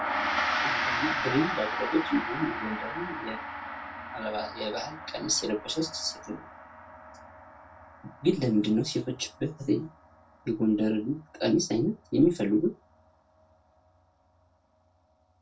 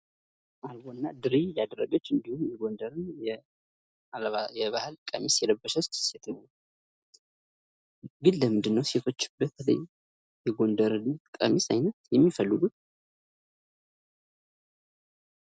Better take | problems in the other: second | background sound (Gong); 6 dB below the speech // room echo; dies away in 0.2 s

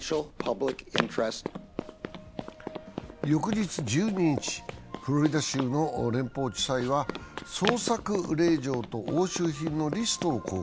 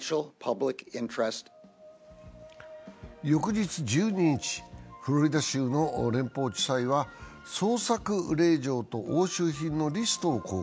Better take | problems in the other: second | background sound (Run); 9 dB below the speech

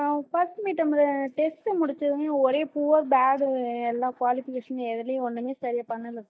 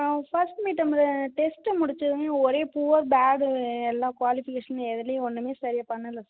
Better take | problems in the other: second | noise reduction (neural mask model DeepFilterNet 3)

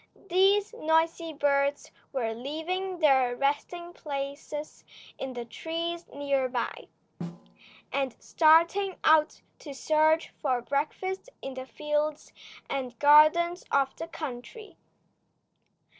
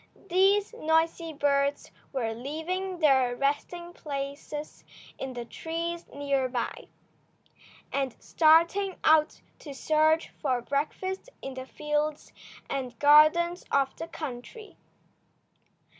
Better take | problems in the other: second | noise reduction (neural separator model SepFormer DNS4)

